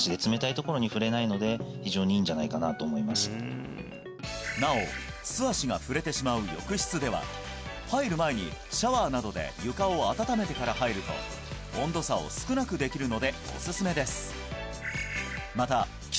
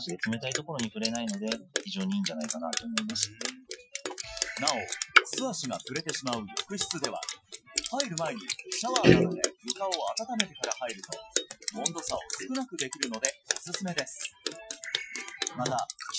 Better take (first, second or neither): first